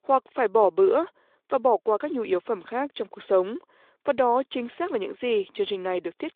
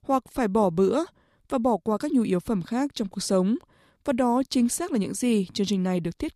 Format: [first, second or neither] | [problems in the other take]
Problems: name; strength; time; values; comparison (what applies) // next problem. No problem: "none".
second | phone-call audio; nothing above 3.5 kHz